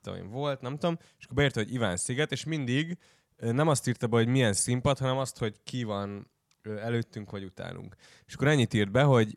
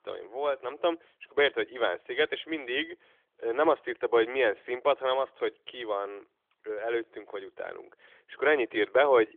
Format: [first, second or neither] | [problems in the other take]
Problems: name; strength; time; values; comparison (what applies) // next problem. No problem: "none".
first | phone-call audio; nothing above 3.5 kHz